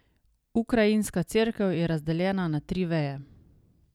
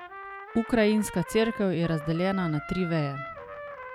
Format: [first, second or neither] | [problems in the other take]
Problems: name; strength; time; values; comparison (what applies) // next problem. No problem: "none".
first | background sound (Trumpet); 12 dB below the speech